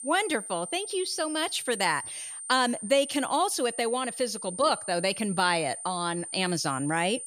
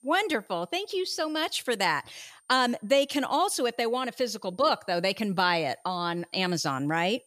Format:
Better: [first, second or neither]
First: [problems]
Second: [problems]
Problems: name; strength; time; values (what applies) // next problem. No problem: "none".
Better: second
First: high-pitched whine; loud; throughout; 9 kHz, 9 dB below the speech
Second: high-pitched whine; faint; throughout; 9 kHz, 35 dB below the speech